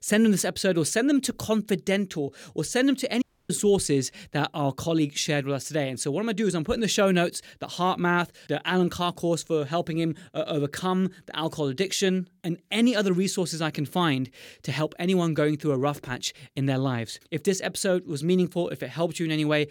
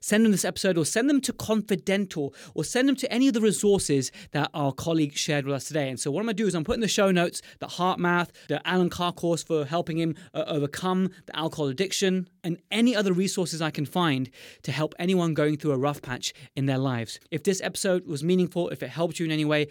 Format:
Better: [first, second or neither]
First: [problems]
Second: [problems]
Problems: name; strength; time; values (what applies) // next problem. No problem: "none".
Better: second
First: audio cutting out; at 3 s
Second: none